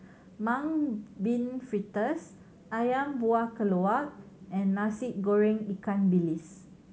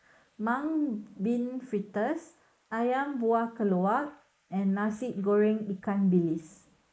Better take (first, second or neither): first